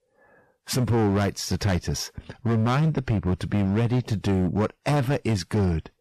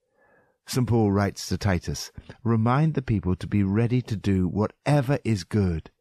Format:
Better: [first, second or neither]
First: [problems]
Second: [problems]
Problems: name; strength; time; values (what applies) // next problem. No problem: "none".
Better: second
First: distortion; slight; 16% of the sound clipped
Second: none